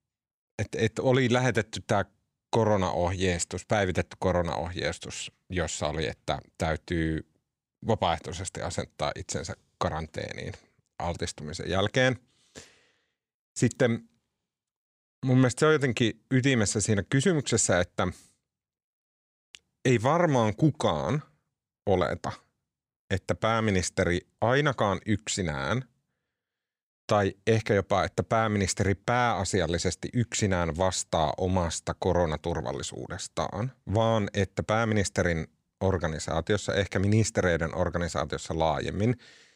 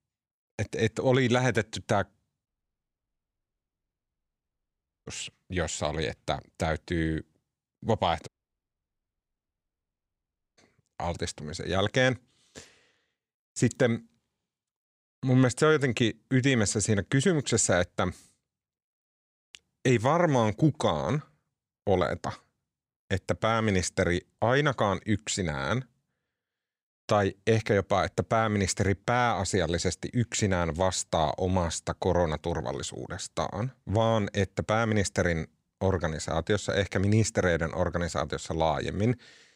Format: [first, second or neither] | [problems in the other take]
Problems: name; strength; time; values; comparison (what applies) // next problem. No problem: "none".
first | audio cutting out; at 2.5 s for 2.5 s and at 8.5 s for 2.5 s